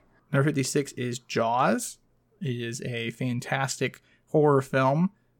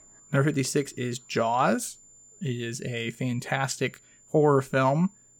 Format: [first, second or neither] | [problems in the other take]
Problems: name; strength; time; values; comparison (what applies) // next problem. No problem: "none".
first | high-pitched whine; faint; throughout; 7 kHz, 25 dB below the speech